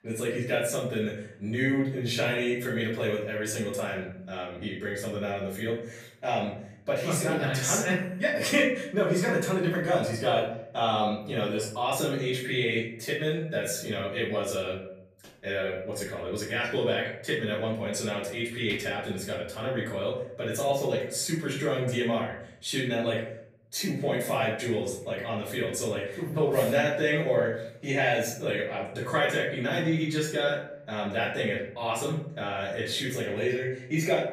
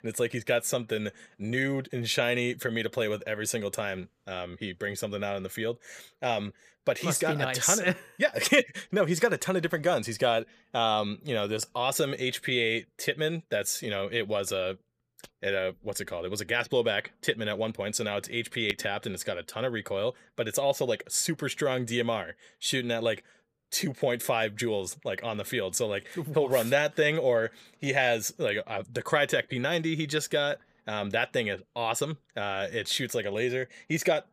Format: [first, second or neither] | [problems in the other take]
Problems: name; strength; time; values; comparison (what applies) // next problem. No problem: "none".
second | room echo; noticeable; dies away in 0.6 s // off-mic speech; far